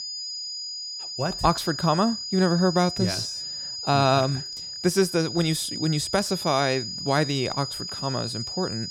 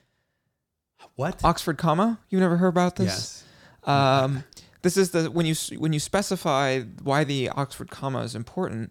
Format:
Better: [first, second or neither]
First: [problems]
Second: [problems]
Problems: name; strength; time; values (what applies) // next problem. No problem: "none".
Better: second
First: high-pitched whine; loud; throughout; 5 kHz, 6 dB below the speech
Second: none